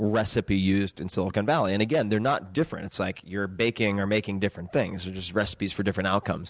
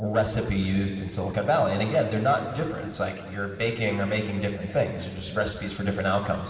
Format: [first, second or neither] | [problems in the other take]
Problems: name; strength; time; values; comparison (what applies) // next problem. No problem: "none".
first | room echo; dies away in 2.3 s